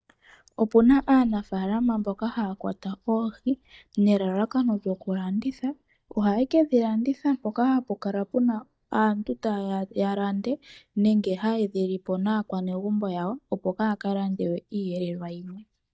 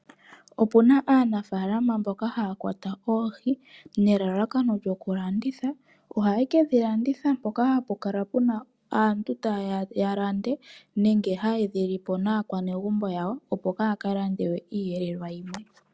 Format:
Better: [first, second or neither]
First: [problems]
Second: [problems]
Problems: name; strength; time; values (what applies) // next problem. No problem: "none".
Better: second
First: noise reduction (neural mask model DeepFilterNet 3)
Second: none